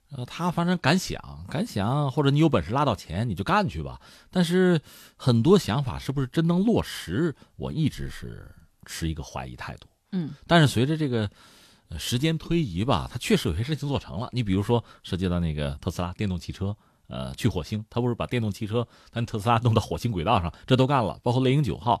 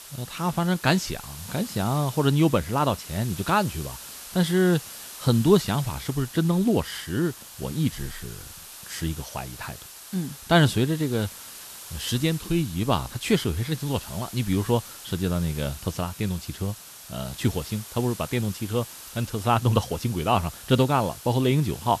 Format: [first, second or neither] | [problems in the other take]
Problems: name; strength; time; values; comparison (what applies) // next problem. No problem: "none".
first | hiss; noticeable; throughout; 15 dB below the speech